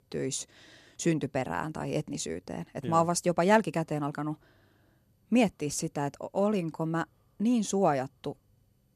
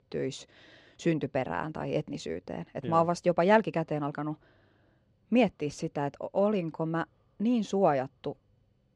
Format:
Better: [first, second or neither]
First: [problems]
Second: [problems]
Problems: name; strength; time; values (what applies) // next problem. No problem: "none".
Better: first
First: none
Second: muffled; slightly; fading above 3.5 kHz